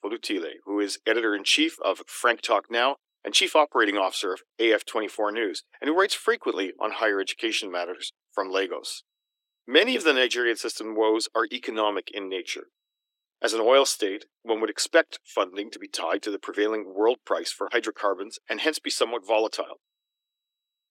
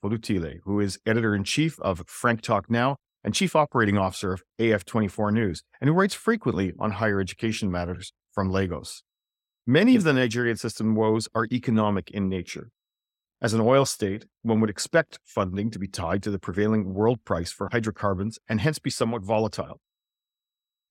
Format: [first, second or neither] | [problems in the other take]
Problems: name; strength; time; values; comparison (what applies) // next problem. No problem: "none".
second | thin; very; fading below 300 Hz